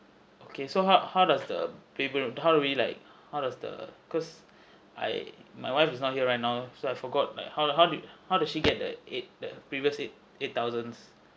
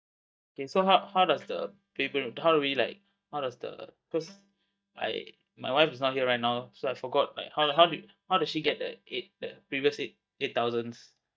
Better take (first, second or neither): first